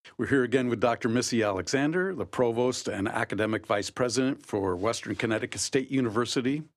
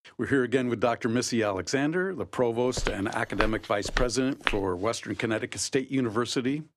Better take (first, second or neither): first